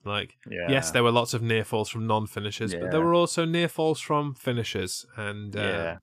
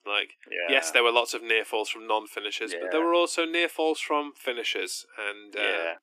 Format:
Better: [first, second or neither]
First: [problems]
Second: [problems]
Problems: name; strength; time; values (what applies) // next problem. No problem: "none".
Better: first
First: none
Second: thin; very; fading below 300 Hz